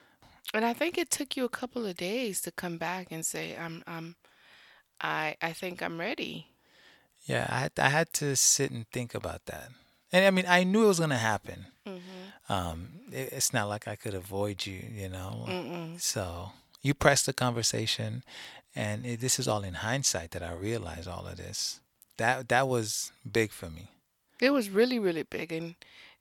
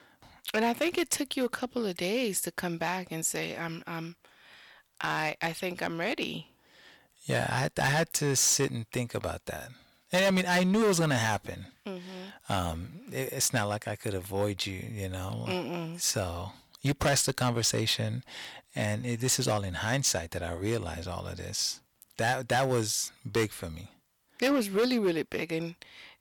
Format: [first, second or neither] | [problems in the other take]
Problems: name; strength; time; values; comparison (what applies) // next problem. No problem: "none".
first | distortion; heavy; 5% of the sound clipped